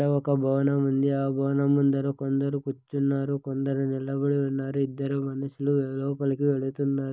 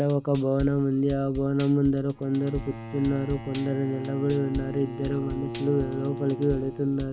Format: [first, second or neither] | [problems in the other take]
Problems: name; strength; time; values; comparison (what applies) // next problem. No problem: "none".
first | background sound (Drum kit + Bowed string instrument); 11 dB below the speech